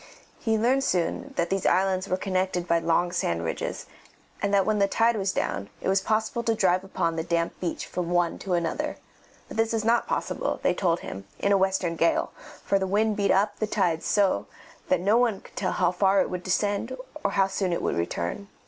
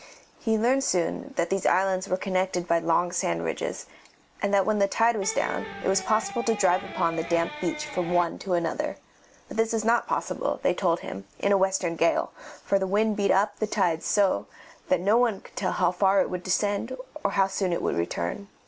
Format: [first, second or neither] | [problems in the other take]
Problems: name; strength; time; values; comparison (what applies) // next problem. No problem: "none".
first | background sound (Electric guitar); 11 dB below the speech